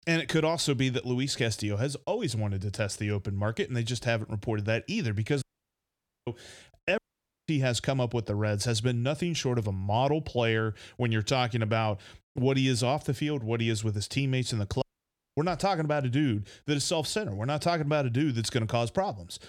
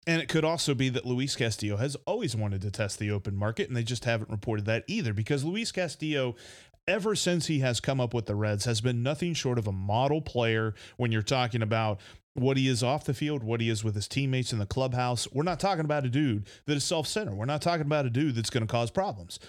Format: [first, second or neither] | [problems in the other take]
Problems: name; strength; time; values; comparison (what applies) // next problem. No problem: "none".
second | audio cutting out; at 5.5 s for 1 s, at 7 s for 0.5 s and at 15 s for 0.5 s